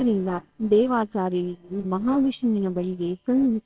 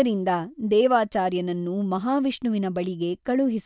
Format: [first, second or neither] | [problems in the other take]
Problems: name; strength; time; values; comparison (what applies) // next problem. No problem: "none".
second | noise reduction (neural separator model SepFormer WHAMR!)